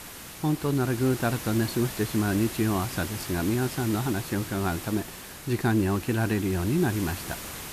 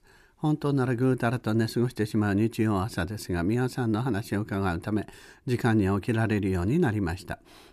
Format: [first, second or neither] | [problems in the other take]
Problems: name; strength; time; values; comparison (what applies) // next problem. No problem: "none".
second | hiss; loud; throughout; 10 dB below the speech